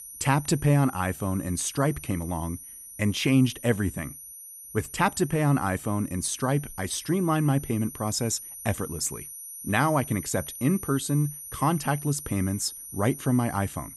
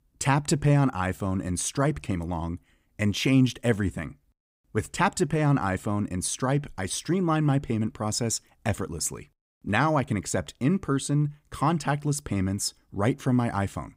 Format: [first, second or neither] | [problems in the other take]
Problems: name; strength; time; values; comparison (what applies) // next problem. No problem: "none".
second | high-pitched whine; noticeable; throughout; 9.5 kHz, 10 dB below the speech